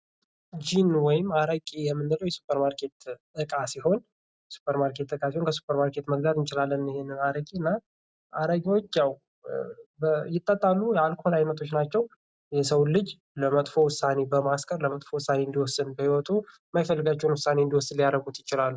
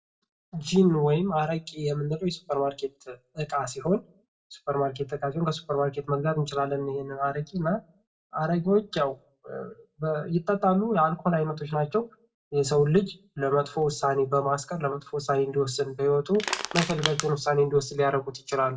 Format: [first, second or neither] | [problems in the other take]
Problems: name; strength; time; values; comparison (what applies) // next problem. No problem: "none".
first | background sound (Crushing); 5 dB below the speech // room echo; dies away in 0.2 s